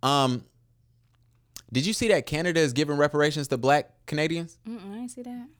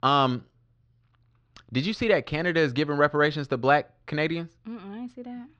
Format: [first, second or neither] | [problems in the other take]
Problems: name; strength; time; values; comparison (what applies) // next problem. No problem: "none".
first | muffled; slightly; fading above 4 kHz